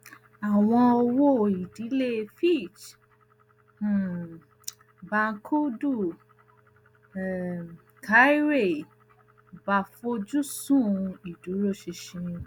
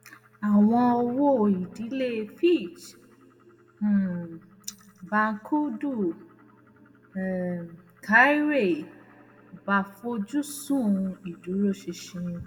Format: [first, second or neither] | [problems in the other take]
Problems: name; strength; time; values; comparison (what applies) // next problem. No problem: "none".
first | room echo; dies away in 1.3 s